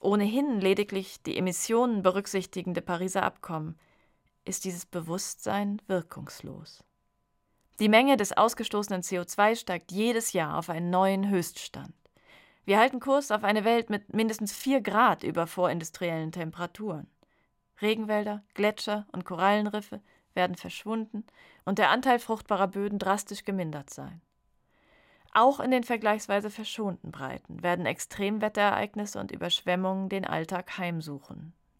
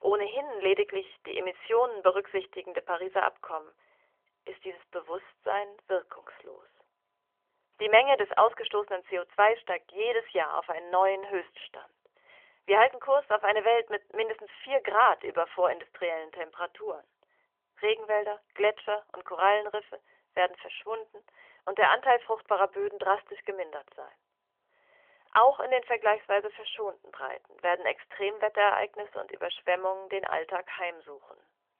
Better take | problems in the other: first | phone-call audio; nothing above 3.5 kHz

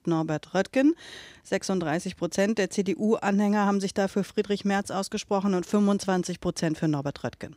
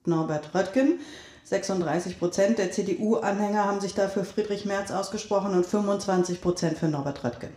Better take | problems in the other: first | room echo; very slight; dies away in 0.5 s

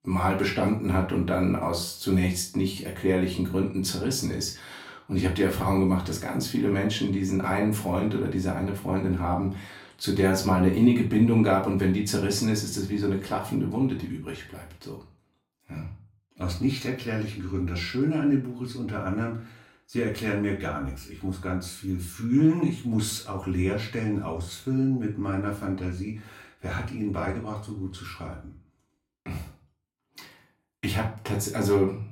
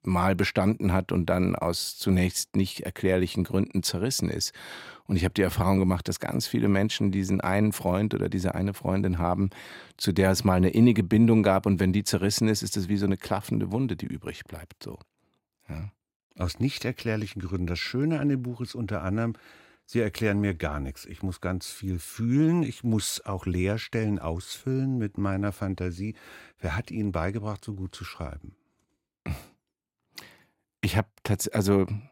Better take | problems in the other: second | off-mic speech; far // room echo; slight; dies away in 0.3 s

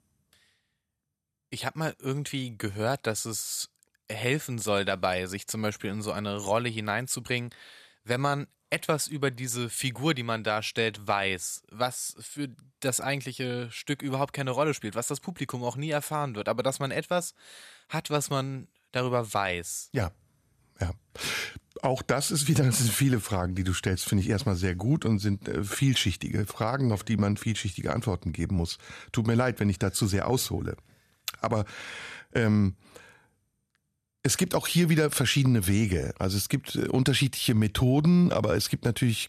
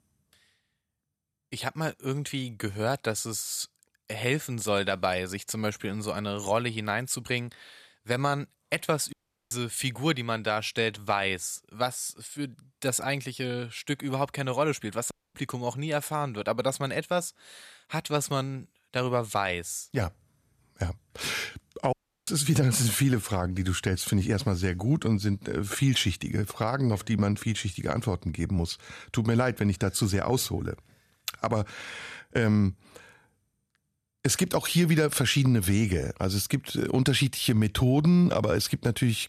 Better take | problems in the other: first | audio cutting out; at 9 s, at 15 s and at 22 s

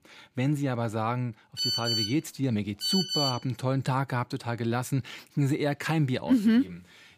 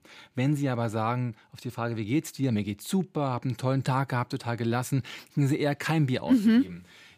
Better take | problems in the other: second | phone ringing; loud; from 1.5 to 3.5 s; peak 3 dB above the speech

